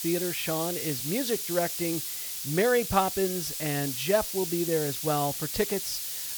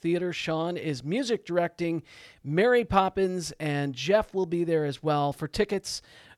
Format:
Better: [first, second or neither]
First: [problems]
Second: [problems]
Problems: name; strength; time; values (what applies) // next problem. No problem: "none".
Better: second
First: hiss; loud; throughout; 2 dB below the speech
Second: none